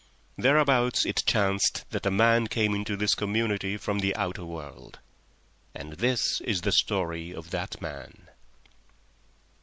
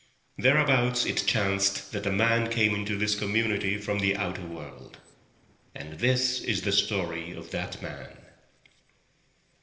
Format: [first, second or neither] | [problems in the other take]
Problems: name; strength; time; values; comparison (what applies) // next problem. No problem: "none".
first | noise reduction (neural separator model SepFormer DNS4)